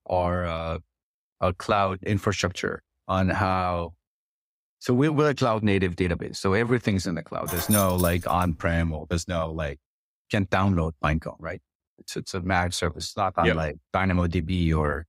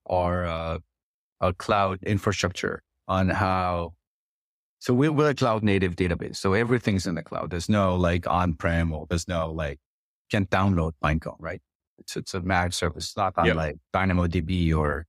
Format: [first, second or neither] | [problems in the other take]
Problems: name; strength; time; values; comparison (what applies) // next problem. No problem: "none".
second | jangling keys; noticeable; at 7.5 s; peak 1 dB below the speech